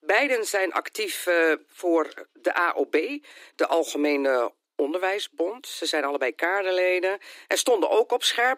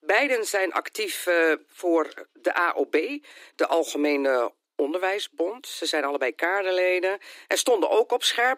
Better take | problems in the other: neither | thin; somewhat; fading below 300 Hz; the same in both

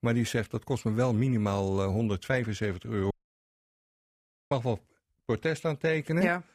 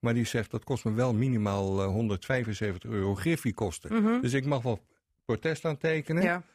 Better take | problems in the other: second | audio cutting out; at 3 s for 1.5 s

